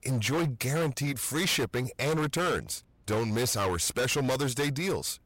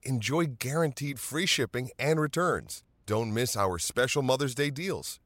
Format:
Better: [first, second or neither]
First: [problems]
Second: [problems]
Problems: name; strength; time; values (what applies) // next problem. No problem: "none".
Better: second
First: distortion; heavy; 22% of the sound clipped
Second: none